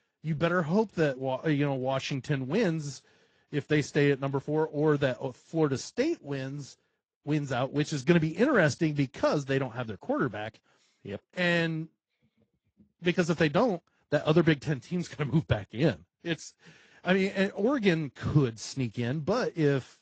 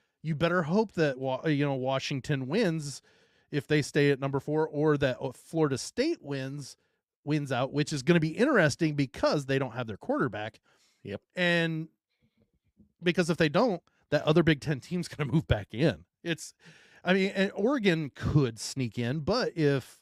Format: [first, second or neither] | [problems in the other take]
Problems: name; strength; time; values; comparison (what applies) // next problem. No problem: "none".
second | garbled, watery; slightly; nothing above 7.5 kHz